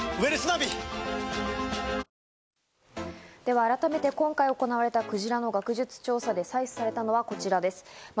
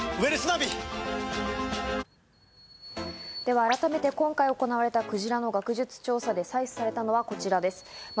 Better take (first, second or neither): first